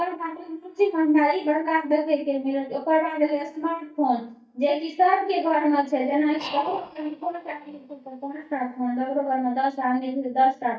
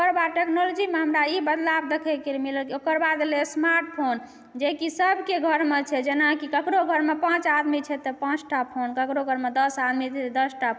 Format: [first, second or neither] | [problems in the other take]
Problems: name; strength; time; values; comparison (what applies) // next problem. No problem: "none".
second | noise reduction (neural mask model DeepFilterNet 3)